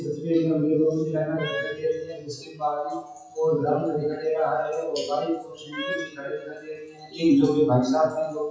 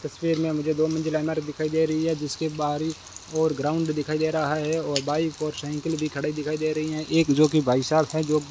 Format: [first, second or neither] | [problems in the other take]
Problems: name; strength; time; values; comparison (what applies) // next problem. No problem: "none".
second | noise reduction (classical method WPE with log-MMSE)